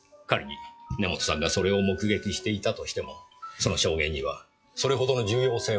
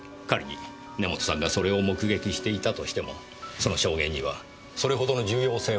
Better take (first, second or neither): second